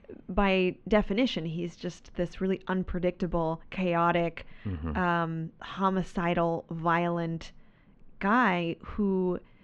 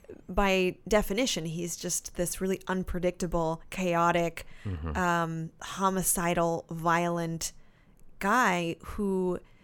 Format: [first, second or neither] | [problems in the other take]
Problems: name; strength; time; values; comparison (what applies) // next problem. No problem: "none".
second | muffled; very; fading above 3.5 kHz